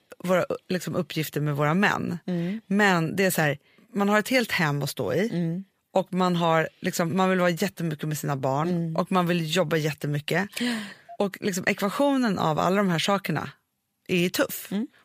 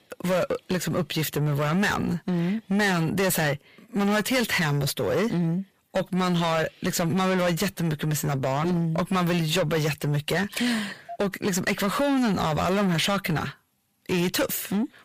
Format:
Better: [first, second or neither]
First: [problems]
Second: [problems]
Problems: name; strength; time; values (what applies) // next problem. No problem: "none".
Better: first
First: none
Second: distortion; heavy; 7 dB below the speech